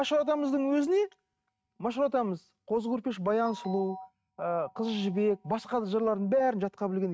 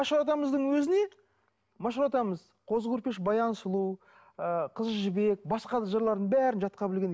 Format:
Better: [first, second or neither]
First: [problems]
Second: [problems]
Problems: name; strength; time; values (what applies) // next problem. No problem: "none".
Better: second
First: noise reduction (neural mask model RNNoise)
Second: none